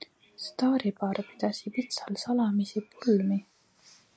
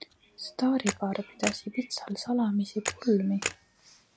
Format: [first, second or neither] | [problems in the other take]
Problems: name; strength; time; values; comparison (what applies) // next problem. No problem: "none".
first | background sound (Camera); 9 dB below the speech